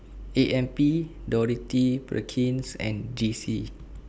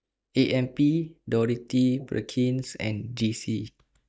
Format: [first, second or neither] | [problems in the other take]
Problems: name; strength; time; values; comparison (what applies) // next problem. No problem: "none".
first | noise reduction (neural mask model DeepFilterNet 3)